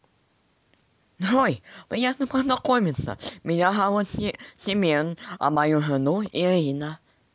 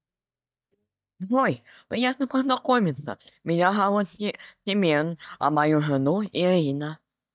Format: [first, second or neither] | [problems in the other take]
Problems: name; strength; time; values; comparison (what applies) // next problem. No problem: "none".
first | noise reduction (neural mask model DeepFilterNet 3)